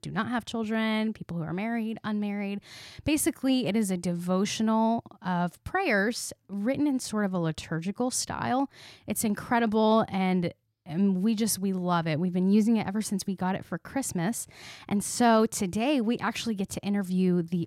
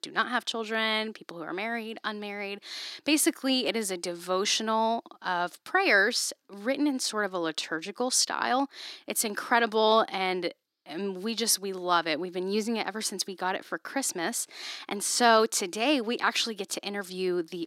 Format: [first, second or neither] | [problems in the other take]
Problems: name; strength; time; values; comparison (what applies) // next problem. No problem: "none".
first | thin; somewhat; fading below 300 Hz